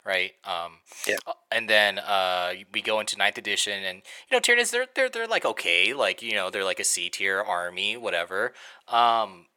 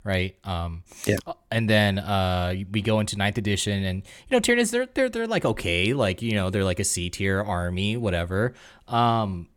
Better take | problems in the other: second | thin; very; fading below 650 Hz

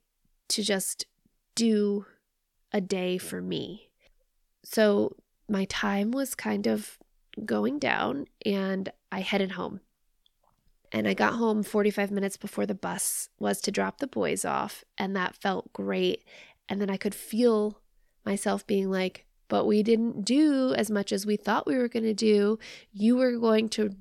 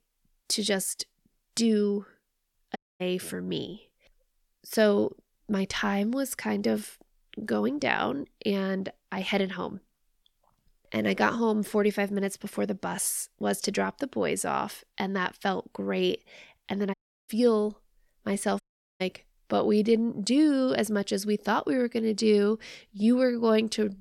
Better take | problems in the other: first | audio cutting out; at 3 s, at 17 s and at 19 s

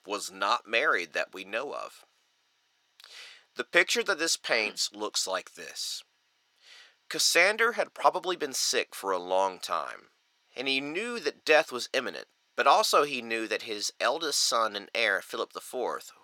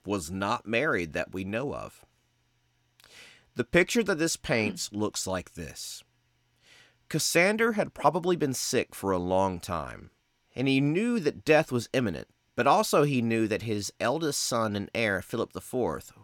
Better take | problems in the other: second | thin; very; fading below 550 Hz

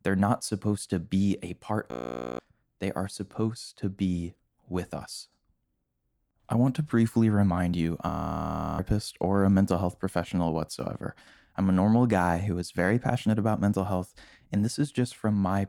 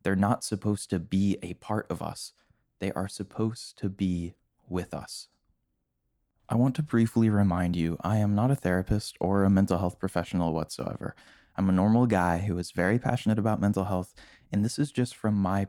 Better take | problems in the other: second | audio freezing; at 2 s and at 8 s for 0.5 s

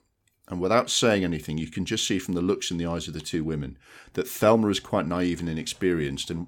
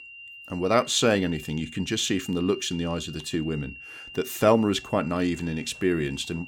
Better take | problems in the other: first | high-pitched whine; noticeable; throughout; 3 kHz, 15 dB below the speech

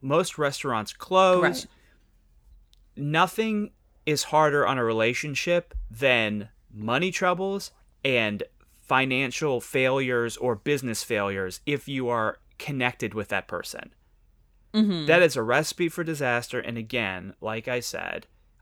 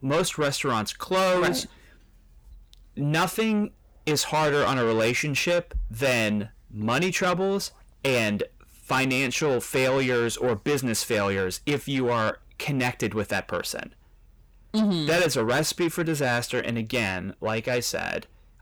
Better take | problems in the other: first | distortion; heavy; 6 dB below the speech

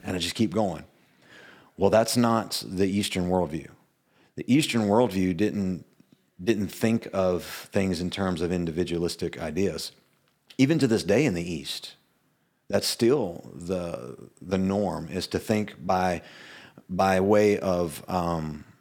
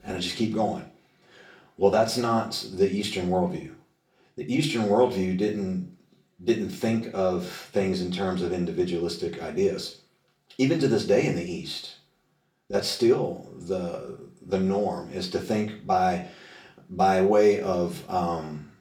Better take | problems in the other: first | room echo; slight; dies away in 0.3 s // off-mic speech; far

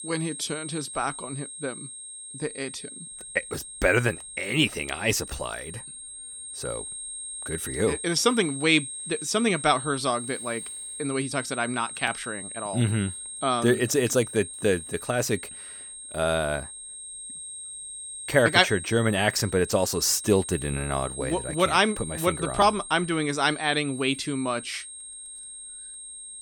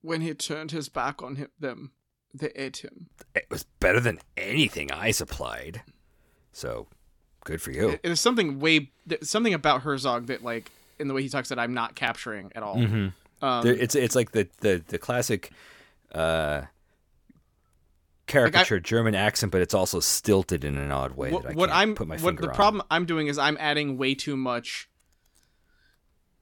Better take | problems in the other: second | high-pitched whine; loud; throughout; 8.5 kHz, 10 dB below the speech

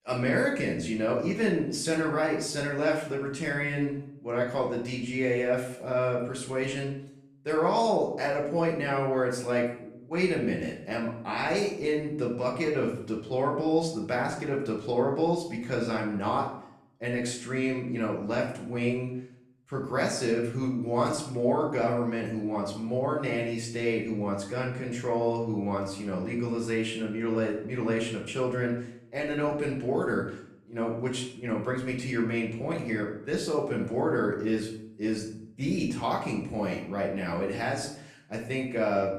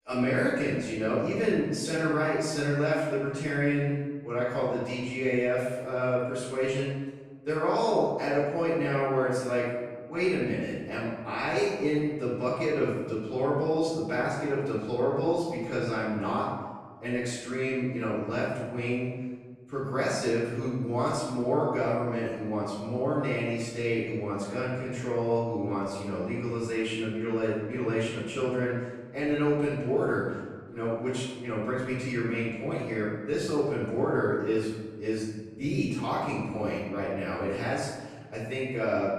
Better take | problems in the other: first | room echo; strong; dies away in 1.2 s; slight in the first // off-mic speech; far; far in the first

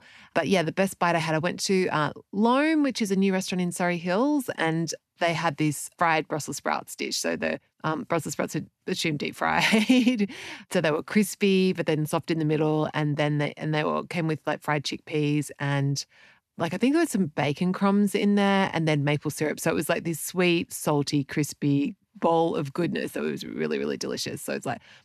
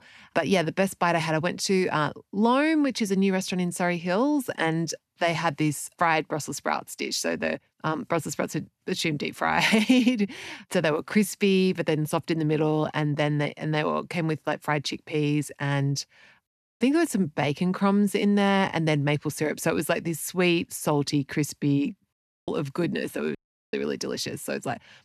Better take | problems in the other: first | audio cutting out; at 16 s, at 22 s and at 23 s

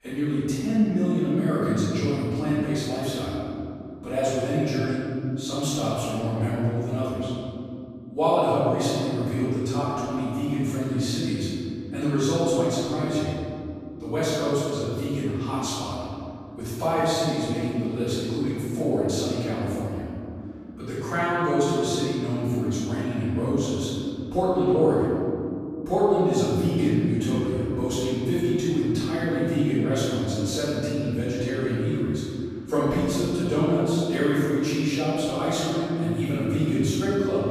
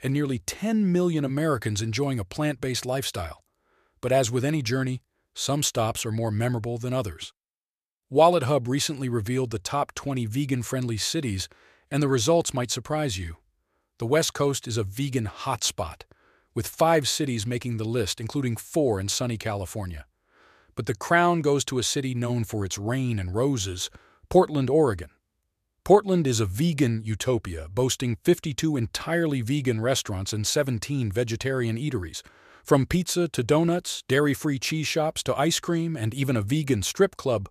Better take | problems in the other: second | off-mic speech; far // room echo; strong; dies away in 3 s

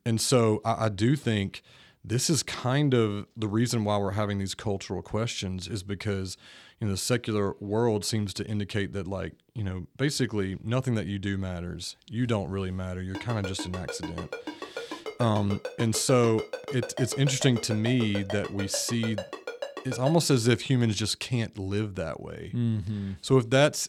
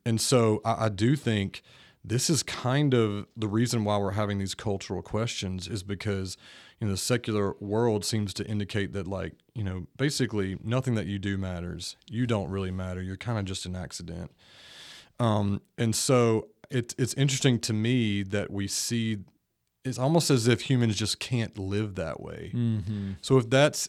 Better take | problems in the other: second | phone ringing; noticeable; from 13 to 20 s; peak 9 dB below the speech

